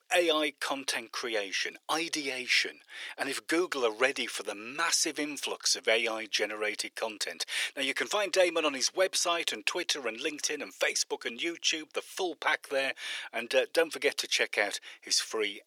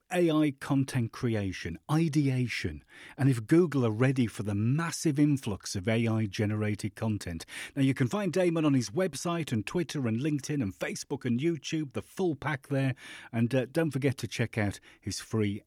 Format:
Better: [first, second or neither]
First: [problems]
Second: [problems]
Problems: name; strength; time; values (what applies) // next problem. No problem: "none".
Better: second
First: thin; very; fading below 450 Hz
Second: none